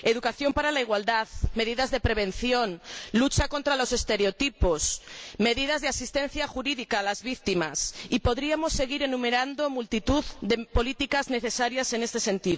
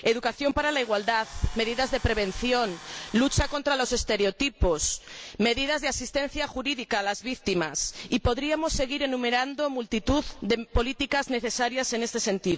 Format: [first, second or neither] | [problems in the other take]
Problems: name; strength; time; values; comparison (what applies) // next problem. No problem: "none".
first | background sound (Tools); 18 dB below the speech